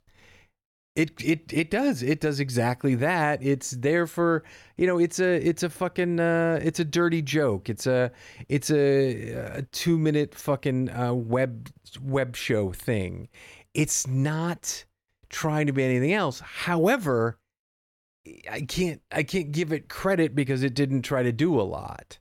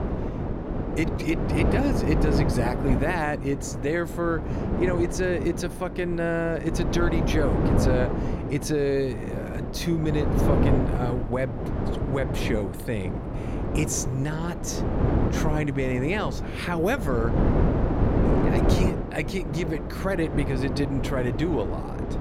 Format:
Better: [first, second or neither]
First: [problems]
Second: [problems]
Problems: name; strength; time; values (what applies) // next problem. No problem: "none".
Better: first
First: none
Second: wind noise on the microphone; heavy; 3 dB below the speech